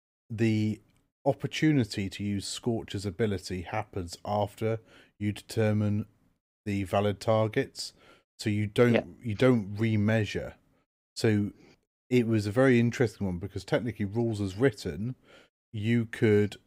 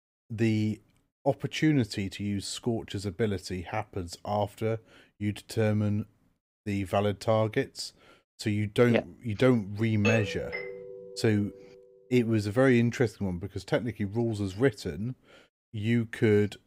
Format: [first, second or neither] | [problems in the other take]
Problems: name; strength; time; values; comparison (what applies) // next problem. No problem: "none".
first | doorbell; noticeable; at 10 s; peak 1 dB below the speech